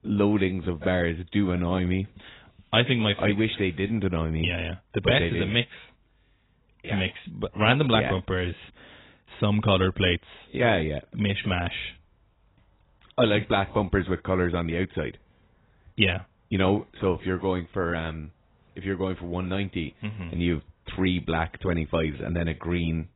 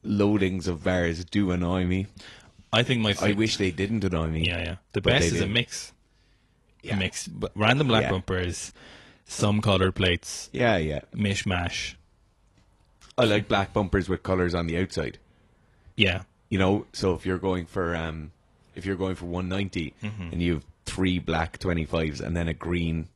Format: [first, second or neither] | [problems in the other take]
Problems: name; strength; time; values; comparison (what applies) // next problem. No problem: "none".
second | garbled, watery; badly; nothing above 4 kHz; slightly in the second